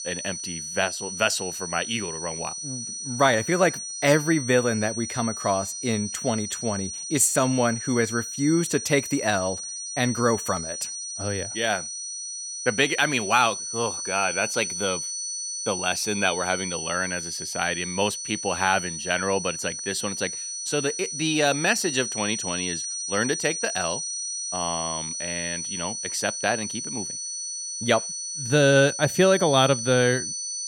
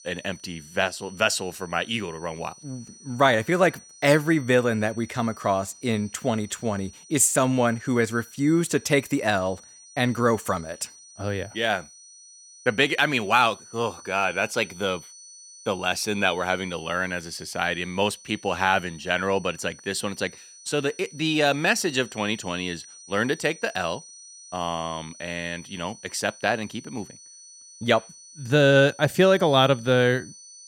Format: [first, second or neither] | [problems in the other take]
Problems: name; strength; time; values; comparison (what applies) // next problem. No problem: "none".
second | high-pitched whine; loud; throughout; 6 kHz, 5 dB below the speech; faint in the second